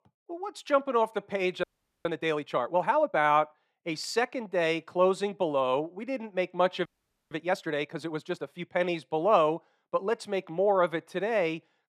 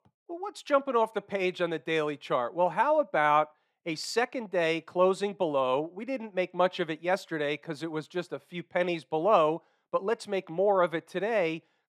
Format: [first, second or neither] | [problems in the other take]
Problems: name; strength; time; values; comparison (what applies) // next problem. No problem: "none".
second | audio freezing; at 1.5 s and at 7 s